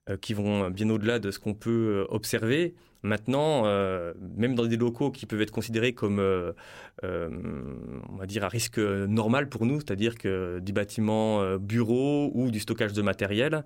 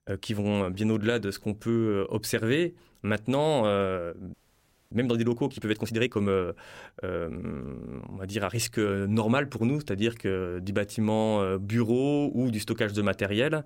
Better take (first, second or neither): first